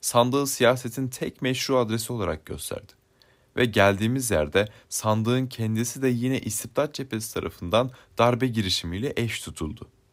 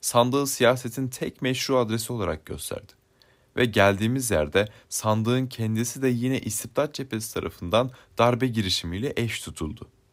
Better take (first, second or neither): neither